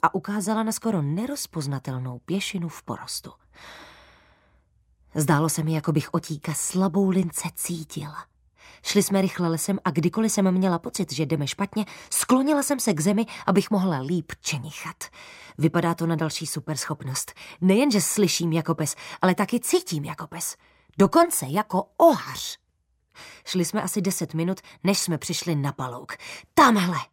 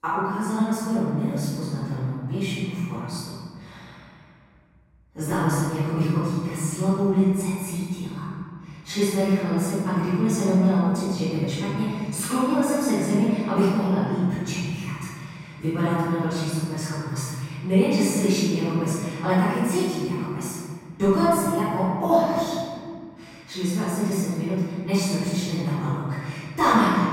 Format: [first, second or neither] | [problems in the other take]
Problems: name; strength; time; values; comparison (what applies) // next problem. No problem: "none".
first | off-mic speech; far // room echo; strong; dies away in 2.3 s